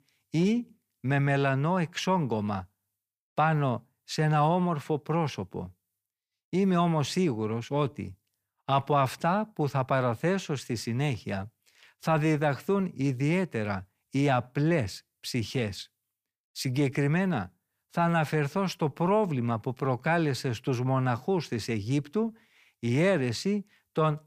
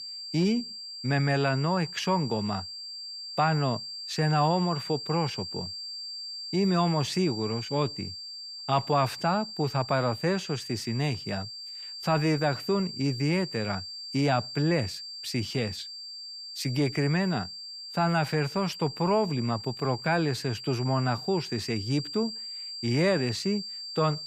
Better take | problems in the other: first | high-pitched whine; loud; throughout; 4.5 kHz, 8 dB below the speech

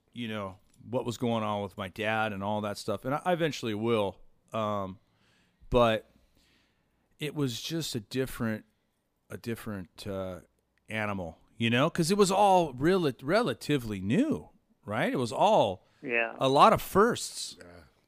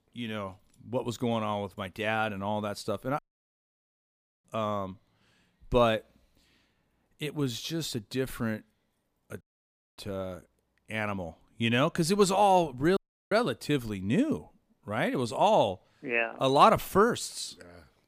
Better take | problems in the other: first | audio cutting out; at 3 s for 1.5 s, at 9.5 s for 0.5 s and at 13 s

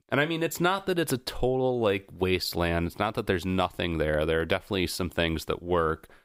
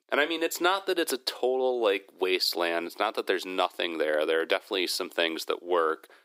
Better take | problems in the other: first | thin; somewhat; fading below 300 Hz

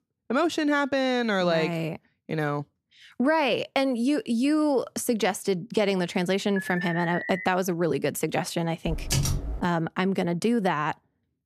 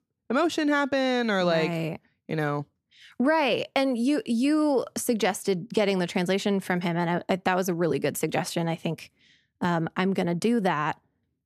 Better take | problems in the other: second | alarm; noticeable; at 6.5 s; peak 7 dB below the speech // keyboard typing; noticeable; at 9 s; peak level with the speech

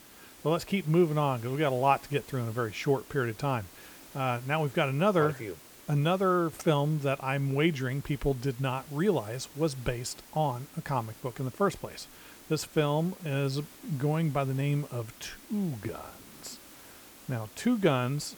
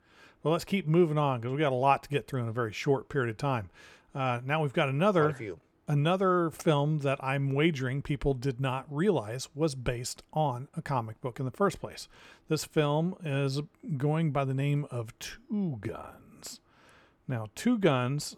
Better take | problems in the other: second | hiss; noticeable; throughout; 20 dB below the speech

